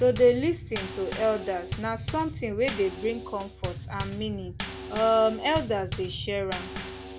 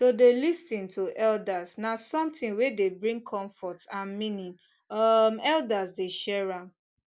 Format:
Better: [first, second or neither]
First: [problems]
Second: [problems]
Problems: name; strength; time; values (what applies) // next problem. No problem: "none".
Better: second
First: background sound (Bass drum / Snare drum / Drum kit); 9 dB below the speech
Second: none